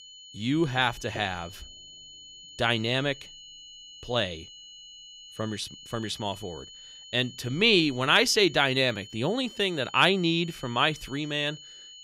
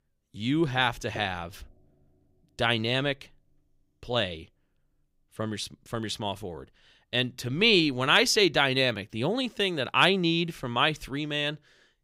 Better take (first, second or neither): second